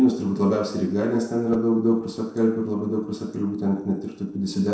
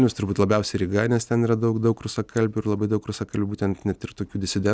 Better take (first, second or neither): second